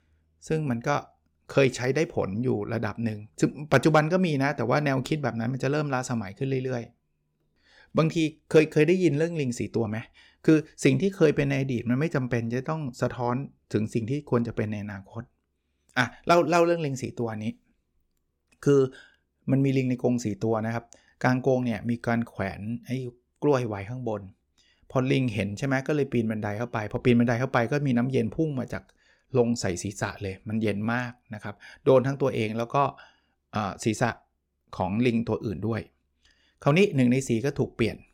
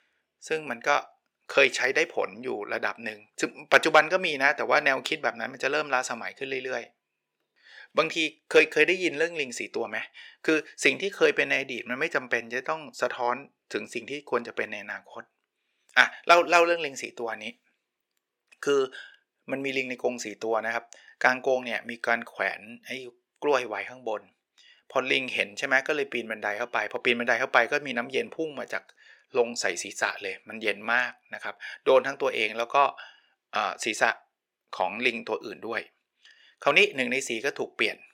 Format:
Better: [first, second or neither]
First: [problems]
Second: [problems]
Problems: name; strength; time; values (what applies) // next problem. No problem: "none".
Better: first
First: none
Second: thin; very; fading below 550 Hz